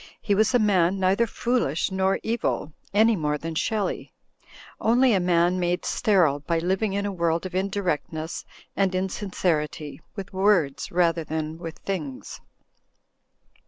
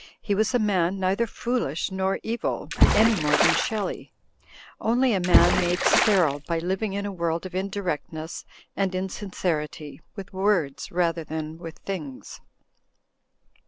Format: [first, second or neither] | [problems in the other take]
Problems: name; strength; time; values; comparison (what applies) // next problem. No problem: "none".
first | background sound (Water / Splash, splatter); 2 dB above the speech